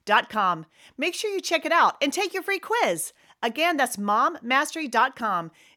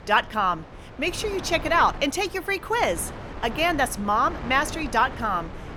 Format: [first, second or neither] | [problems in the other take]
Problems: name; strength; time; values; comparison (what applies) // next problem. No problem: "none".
first | wind noise on the microphone; occasional gusts; 15 dB below the speech